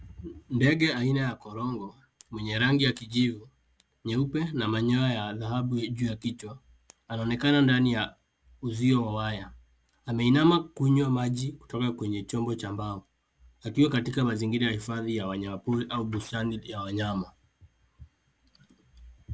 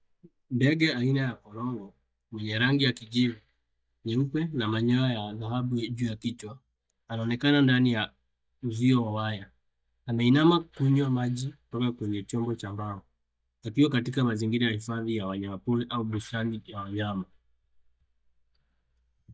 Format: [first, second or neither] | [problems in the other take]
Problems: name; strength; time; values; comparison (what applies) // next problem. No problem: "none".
first | noise reduction (neural mask model DeepFilterNet 3)